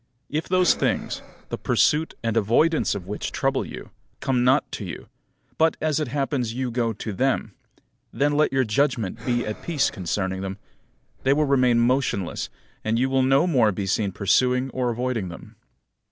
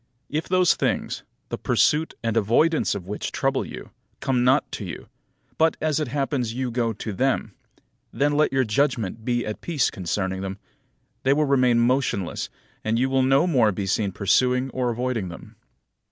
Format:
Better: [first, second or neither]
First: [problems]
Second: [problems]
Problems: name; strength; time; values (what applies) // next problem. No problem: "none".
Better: second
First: background sound (Breathing); 18 dB below the speech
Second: none